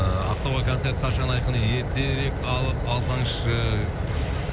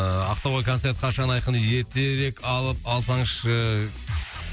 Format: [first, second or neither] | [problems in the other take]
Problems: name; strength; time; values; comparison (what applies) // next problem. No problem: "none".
second | background sound (Fire); 1 dB below the speech